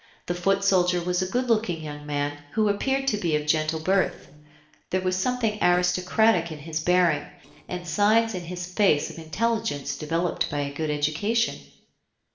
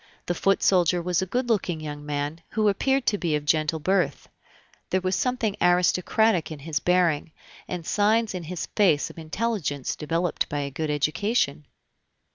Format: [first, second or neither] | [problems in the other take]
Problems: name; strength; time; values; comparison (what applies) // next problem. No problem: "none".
second | noise reduction (neural separator model SepFormer DNS4)